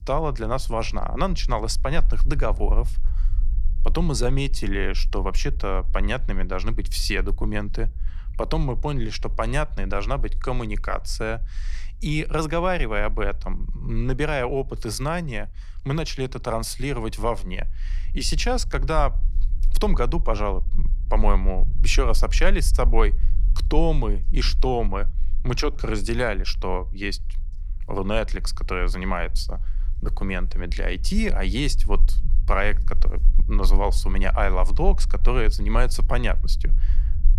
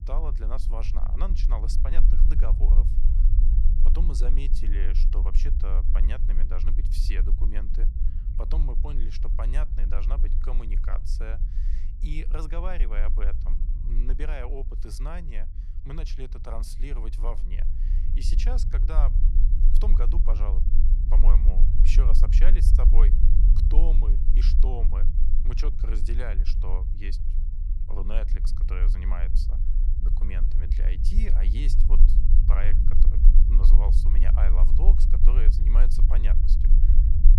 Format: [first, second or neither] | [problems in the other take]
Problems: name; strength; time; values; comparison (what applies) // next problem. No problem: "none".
first | low rumble; loud; throughout; 6 dB below the speech; faint in the first